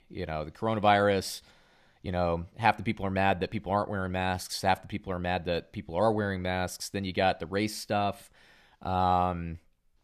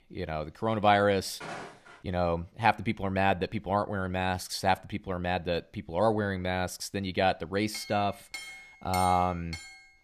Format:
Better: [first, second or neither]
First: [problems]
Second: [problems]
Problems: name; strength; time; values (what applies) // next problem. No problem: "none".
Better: first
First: none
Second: footsteps; faint; at 1.5 s; peak 10 dB below the speech // clattering dishes; noticeable; from 7.5 s on; peak 9 dB below the speech